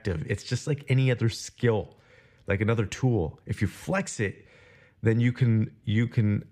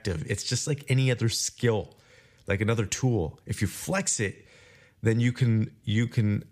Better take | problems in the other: second | muffled; slightly; fading above 4 kHz

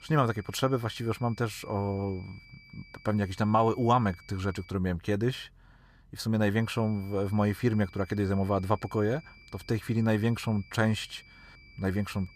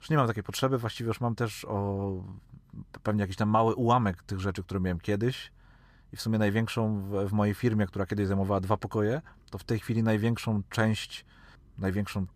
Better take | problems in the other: second | high-pitched whine; faint; until 4.5 s and from 6.5 s on; 2.5 kHz, 25 dB below the speech

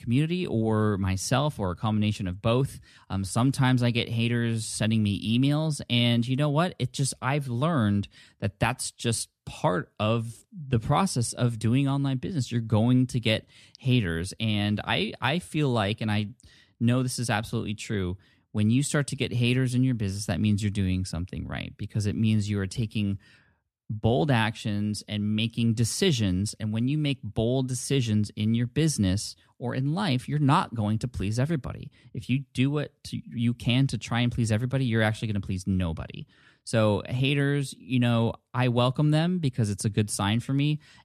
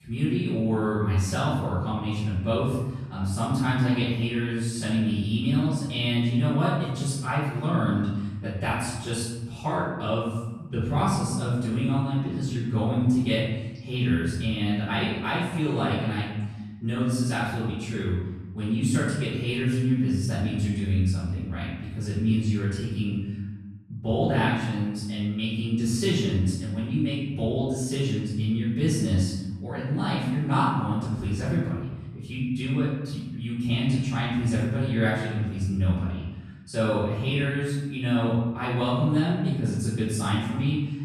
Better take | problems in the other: first | off-mic speech; far // room echo; strong; dies away in 1.1 s

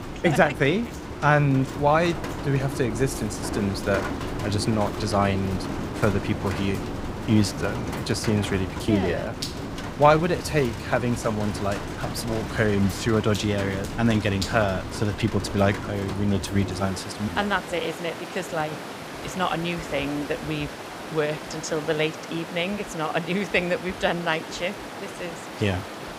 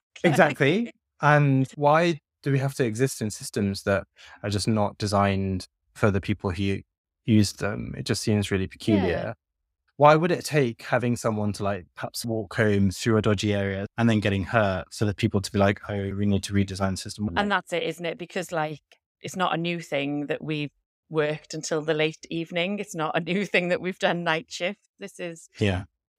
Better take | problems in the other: second | rain or running water; loud; throughout; 8 dB below the speech

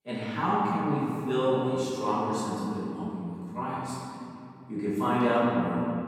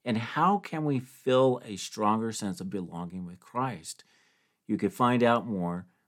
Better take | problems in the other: second | room echo; strong; dies away in 2.5 s // off-mic speech; far

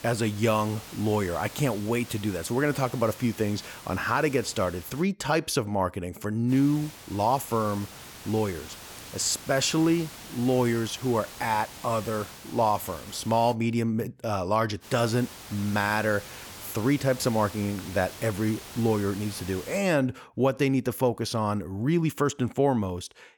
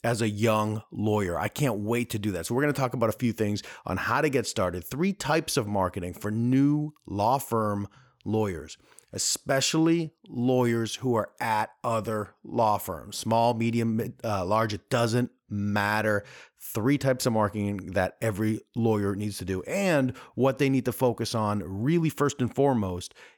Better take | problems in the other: second | hiss; noticeable; until 5 s, from 6.5 to 14 s and from 15 to 20 s; 15 dB below the speech

